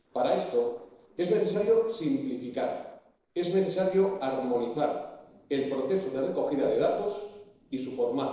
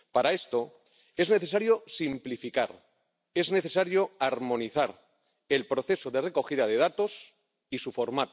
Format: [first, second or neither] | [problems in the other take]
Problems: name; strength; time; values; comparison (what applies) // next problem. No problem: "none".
second | noise reduction (neural separator model SepFormer DNS4)